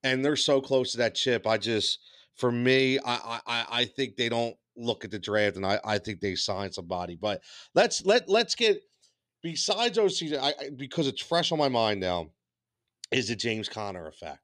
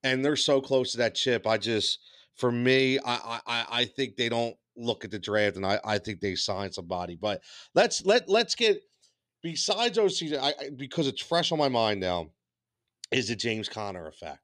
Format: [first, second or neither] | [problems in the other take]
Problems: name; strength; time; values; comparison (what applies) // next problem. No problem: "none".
neither | none